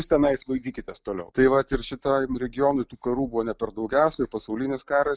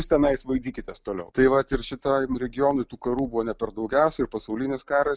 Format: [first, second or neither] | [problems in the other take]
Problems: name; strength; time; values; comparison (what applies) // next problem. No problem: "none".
second | noise reduction (neural mask model DeepFilterNet 3)